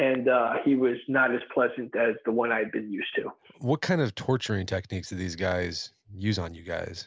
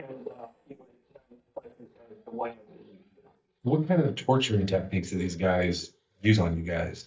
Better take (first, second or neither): first